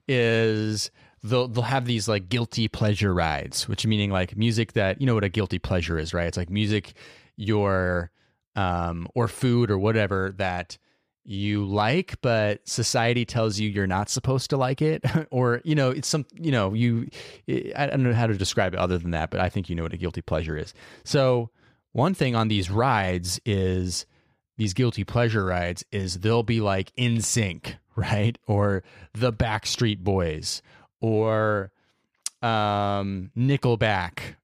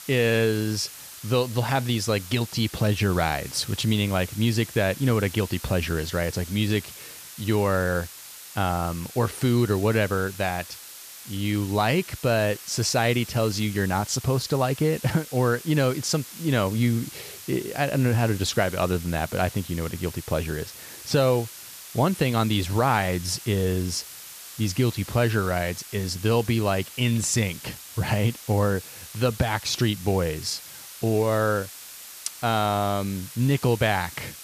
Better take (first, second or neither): first